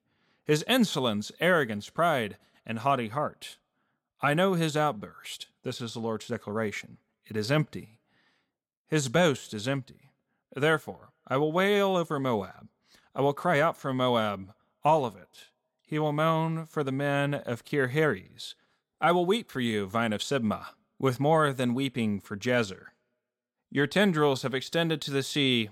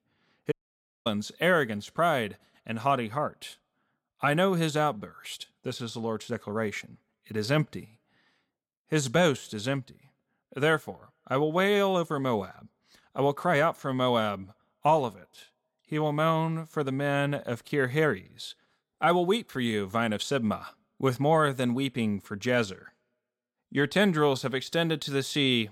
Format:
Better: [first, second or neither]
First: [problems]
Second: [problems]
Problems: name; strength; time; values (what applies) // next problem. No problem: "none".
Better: first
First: none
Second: audio cutting out; at 0.5 s for 0.5 s